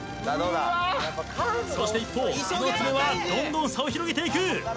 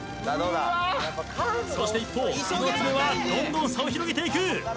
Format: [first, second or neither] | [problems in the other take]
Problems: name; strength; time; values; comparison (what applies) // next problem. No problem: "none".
first | background sound (Electric guitar); 8 dB below the speech